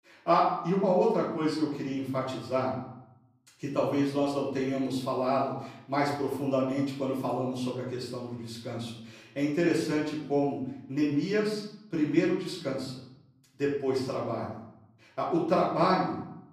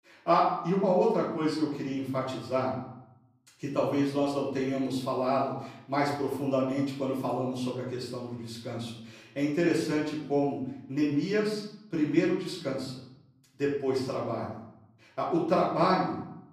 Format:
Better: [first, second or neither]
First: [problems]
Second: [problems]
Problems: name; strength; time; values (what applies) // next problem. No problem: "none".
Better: neither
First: off-mic speech; far // room echo; noticeable; dies away in 0.8 s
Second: off-mic speech; far // room echo; noticeable; dies away in 0.8 s